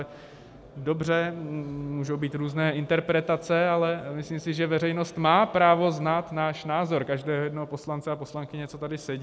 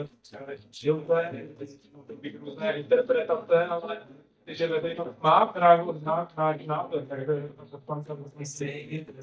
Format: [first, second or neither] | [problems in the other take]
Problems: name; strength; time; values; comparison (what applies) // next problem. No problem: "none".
first | noise reduction (neural mask model DeepFilterNet 3)